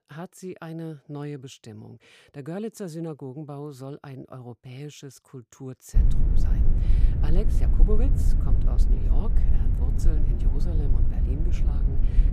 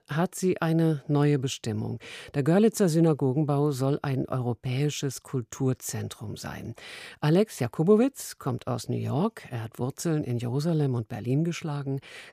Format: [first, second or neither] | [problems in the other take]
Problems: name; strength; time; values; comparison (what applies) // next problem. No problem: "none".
second | low rumble; loud; from 6 s on; 2 dB below the speech